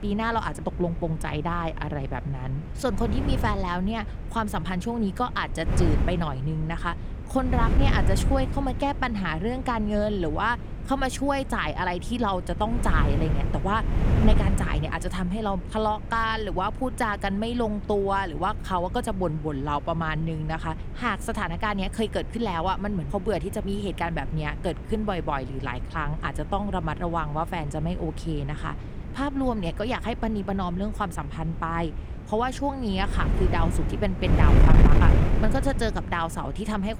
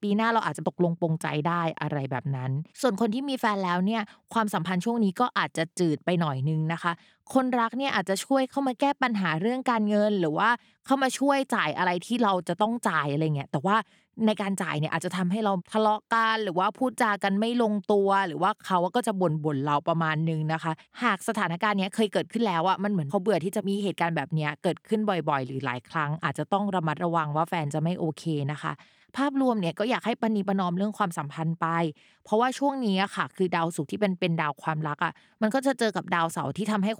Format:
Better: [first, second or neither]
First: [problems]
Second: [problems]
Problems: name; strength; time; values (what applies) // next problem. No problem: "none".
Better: second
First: wind noise on the microphone; occasional gusts; 10 dB below the speech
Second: none